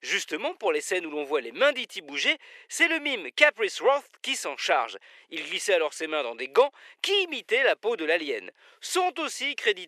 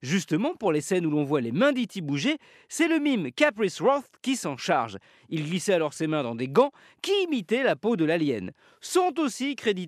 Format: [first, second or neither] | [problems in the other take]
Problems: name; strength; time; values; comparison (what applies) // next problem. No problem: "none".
second | thin; very; fading below 450 Hz